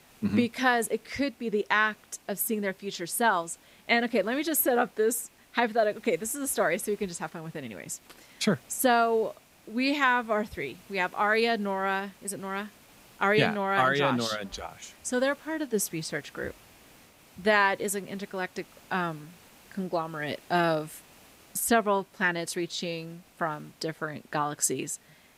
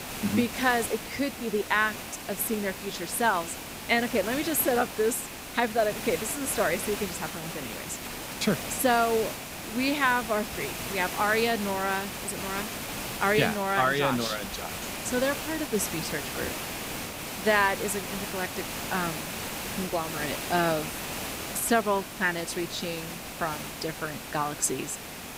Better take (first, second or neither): first